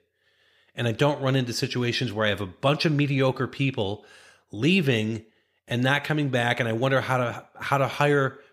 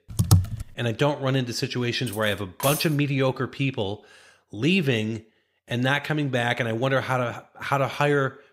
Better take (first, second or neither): first